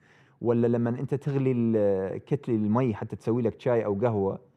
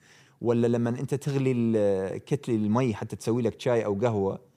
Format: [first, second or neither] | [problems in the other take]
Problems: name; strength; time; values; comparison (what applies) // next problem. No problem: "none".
second | muffled; slightly; fading above 3 kHz